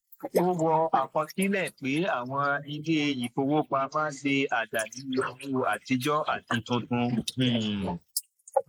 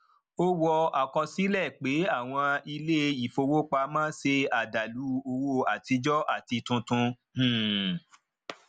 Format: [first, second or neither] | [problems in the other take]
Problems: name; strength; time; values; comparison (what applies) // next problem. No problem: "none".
second | noise reduction (neural mask model Resemble Enhance denoiser)